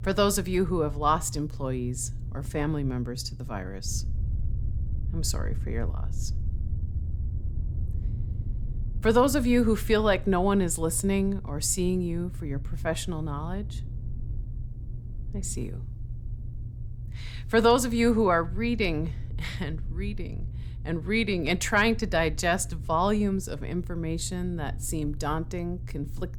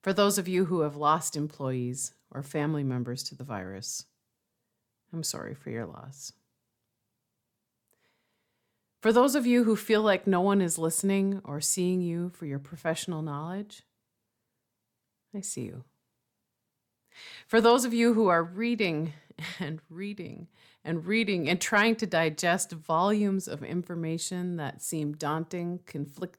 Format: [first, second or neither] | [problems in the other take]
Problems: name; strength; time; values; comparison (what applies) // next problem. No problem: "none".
second | low rumble; faint; throughout; 25 dB below the speech